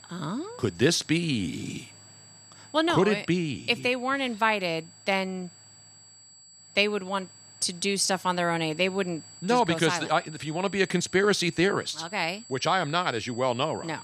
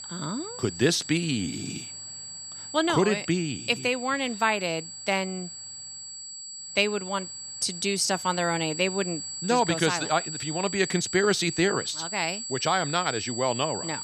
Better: first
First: high-pitched whine; faint; throughout; 4.5 kHz, 20 dB below the speech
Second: high-pitched whine; loud; throughout; 4.5 kHz, 8 dB below the speech

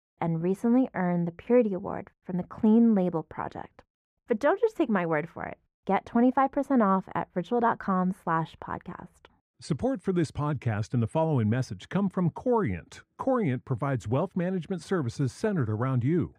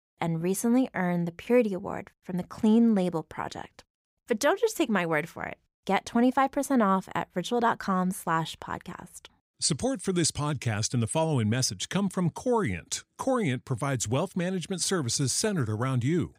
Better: second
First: muffled; very; fading above 3 kHz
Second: none

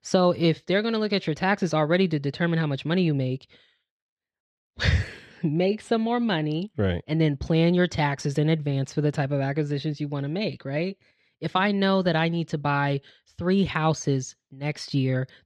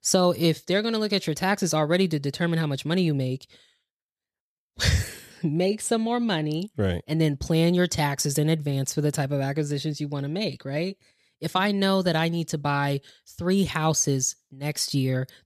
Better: second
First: muffled; slightly; fading above 3 kHz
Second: none

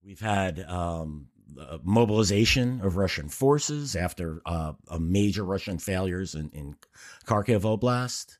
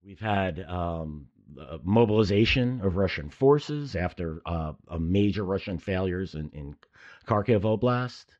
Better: first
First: none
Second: muffled; slightly; fading above 4 kHz

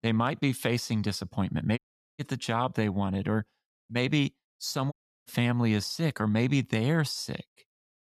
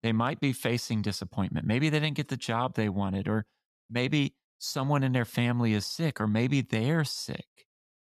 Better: second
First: audio cutting out; at 2 s and at 5 s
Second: none

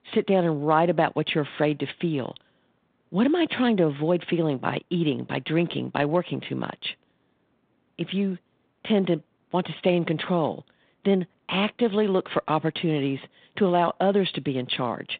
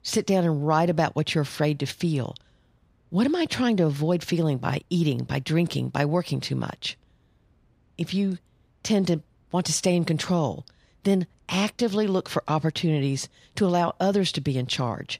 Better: second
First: phone-call audio; nothing above 3.5 kHz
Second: none

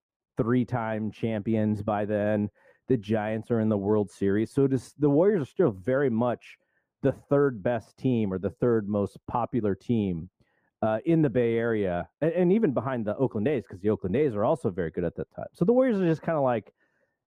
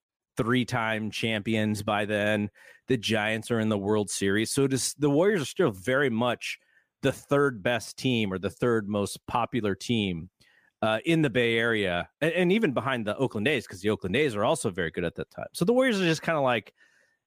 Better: second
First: muffled; very; fading above 1.5 kHz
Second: none

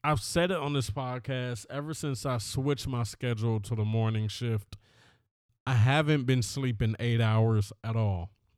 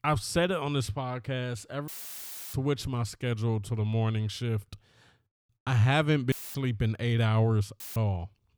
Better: first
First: none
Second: audio cutting out; filled with static; at 2 s for 0.5 s, at 6.5 s and at 8 s

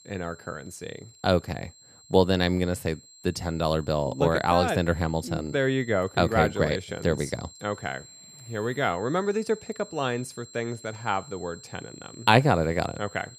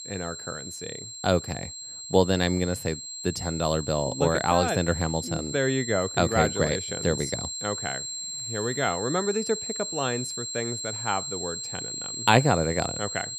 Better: first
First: high-pitched whine; faint; throughout; 7.5 kHz, 20 dB below the speech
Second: high-pitched whine; loud; throughout; 7.5 kHz, 6 dB below the speech

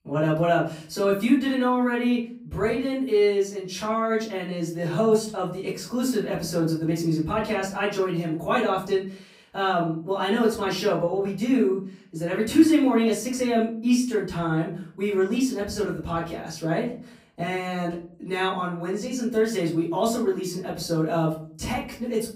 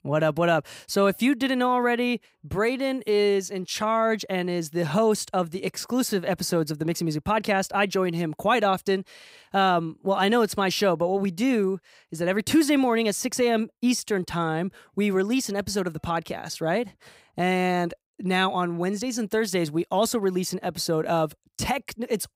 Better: second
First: off-mic speech; far // room echo; slight; dies away in 0.4 s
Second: none

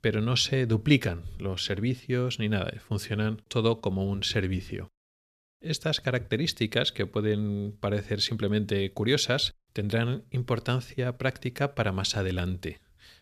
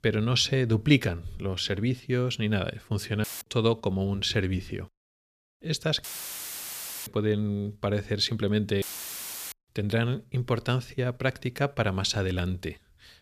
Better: first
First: none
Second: audio cutting out; filled with static; at 3 s, at 6 s for 1 s and at 9 s for 0.5 s

